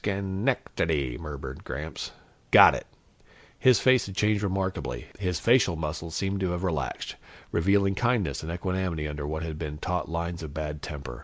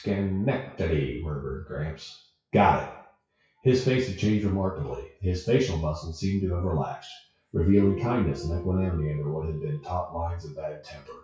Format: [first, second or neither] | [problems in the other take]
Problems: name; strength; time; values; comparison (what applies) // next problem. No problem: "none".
first | noise reduction (classical method WPE with log-MMSE)